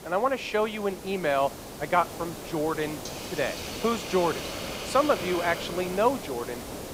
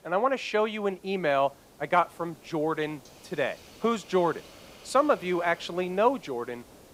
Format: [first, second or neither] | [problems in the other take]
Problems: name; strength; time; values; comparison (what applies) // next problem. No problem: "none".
second | hiss; loud; throughout; 8 dB below the speech; faint in the second